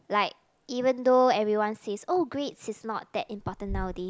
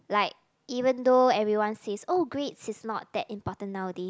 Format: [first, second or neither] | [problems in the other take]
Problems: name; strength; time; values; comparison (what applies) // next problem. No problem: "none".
second | background sound (Toilet flush); 16 dB below the speech